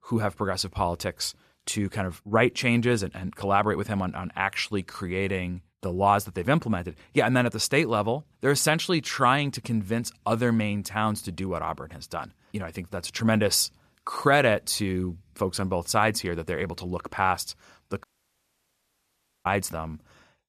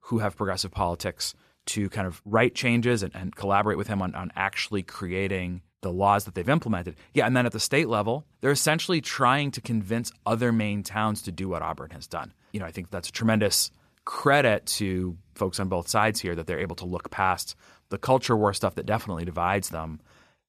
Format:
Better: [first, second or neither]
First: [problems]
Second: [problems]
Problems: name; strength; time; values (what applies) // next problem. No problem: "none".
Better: second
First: audio cutting out; at 18 s for 1.5 s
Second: none